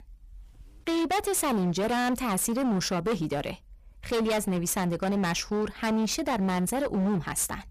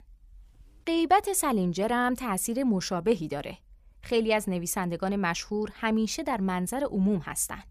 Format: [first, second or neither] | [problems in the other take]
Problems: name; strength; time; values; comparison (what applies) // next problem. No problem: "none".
second | distortion; heavy; 26% of the sound clipped